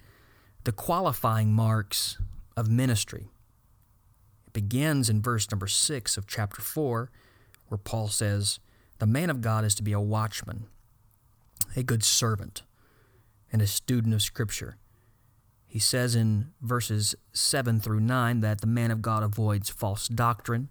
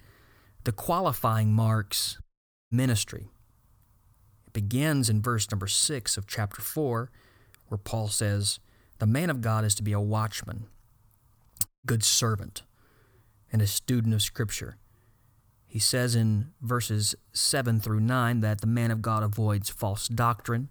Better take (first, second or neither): first